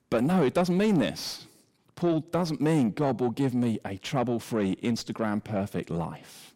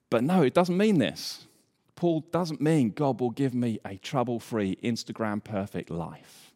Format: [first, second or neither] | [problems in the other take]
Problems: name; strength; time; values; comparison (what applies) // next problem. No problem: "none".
second | distortion; slight; 10 dB below the speech